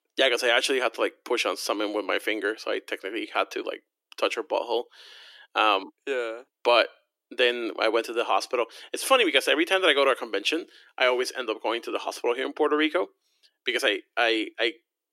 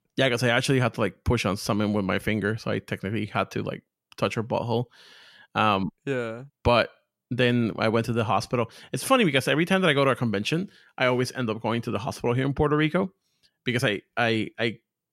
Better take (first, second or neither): second